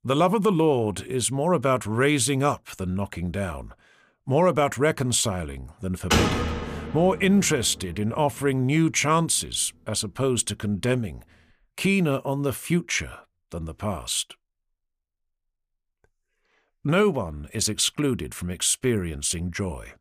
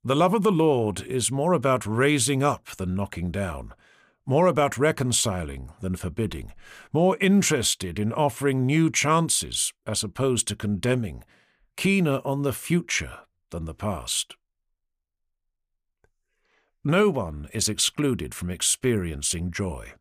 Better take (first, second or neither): second